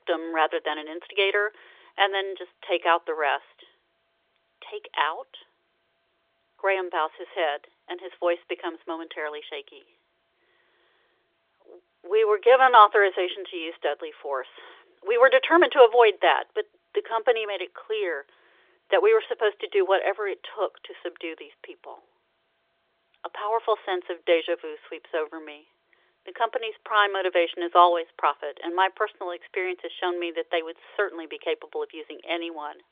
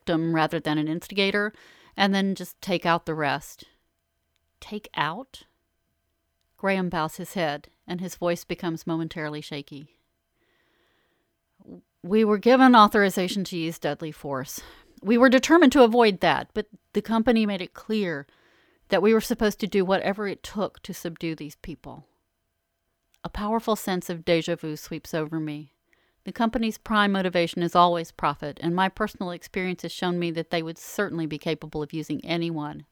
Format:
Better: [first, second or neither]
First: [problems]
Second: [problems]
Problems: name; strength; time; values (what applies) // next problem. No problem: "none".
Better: second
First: phone-call audio; nothing above 3.5 kHz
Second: none